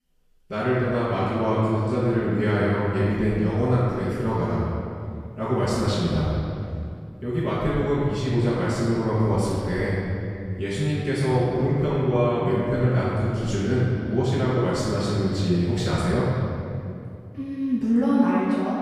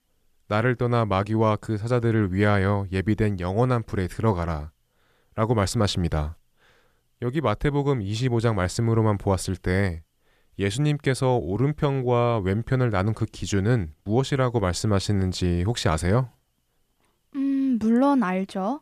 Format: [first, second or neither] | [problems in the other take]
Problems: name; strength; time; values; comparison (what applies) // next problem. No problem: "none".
second | off-mic speech; far // room echo; strong; dies away in 2.4 s